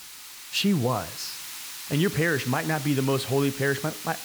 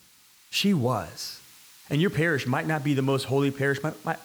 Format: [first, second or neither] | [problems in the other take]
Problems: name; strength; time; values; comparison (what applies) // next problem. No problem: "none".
second | hiss; loud; throughout; 10 dB below the speech; faint in the second